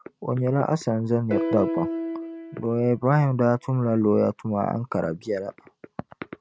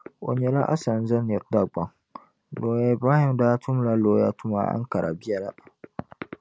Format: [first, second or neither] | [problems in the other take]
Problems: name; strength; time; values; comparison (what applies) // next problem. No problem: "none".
second | noise reduction (neural mask model RNNoise)